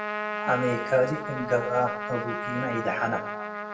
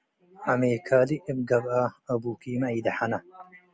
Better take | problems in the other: second | background sound (Trumpet); 4 dB below the speech // room echo; dies away in 0.5 s

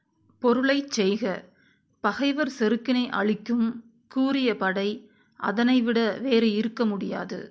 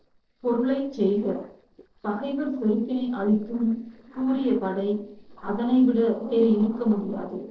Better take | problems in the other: first | noise reduction (neural separator model SepFormer DNS4)

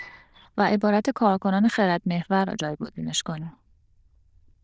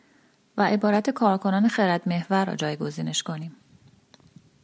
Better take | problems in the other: second | noise reduction (neural diffusion model UNIVERSE++)

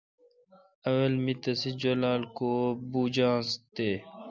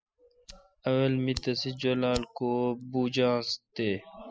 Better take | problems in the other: first | noise reduction (classical method spectral subtraction)

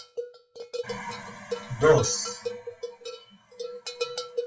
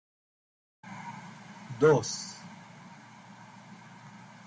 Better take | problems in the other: second | noise reduction (classical method WPE with log-MMSE)

